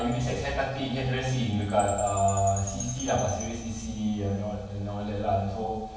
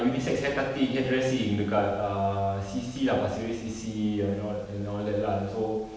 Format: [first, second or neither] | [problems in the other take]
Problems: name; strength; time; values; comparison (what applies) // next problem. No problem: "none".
second | background sound (Chime); 15 dB below the speech // room echo; dies away in 0.2 s